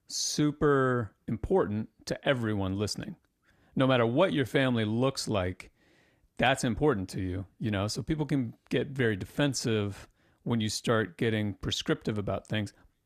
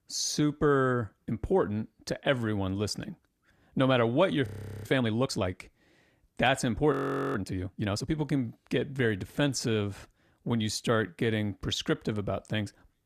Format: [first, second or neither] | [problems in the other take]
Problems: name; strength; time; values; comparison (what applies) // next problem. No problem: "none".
first | audio freezing; at 4.5 s and at 7 s